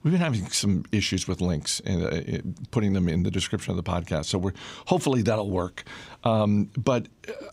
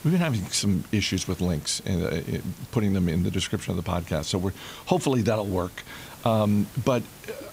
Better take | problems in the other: first | hiss; noticeable; throughout; 20 dB below the speech

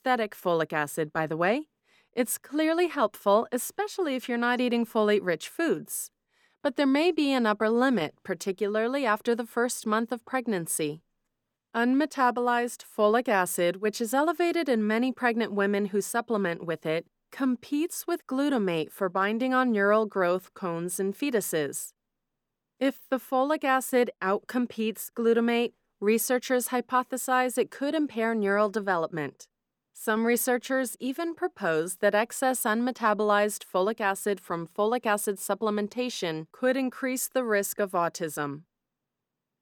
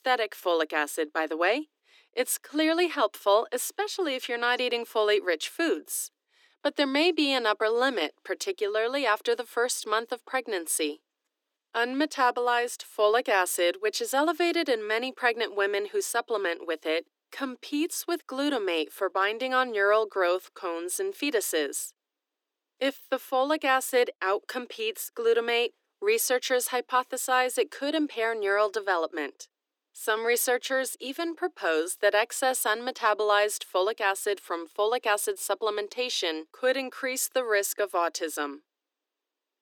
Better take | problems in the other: first | thin; somewhat; fading below 300 Hz

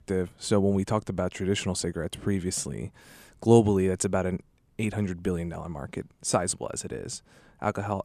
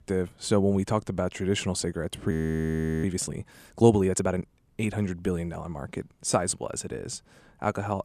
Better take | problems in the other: first | audio freezing; at 2.5 s for 0.5 s

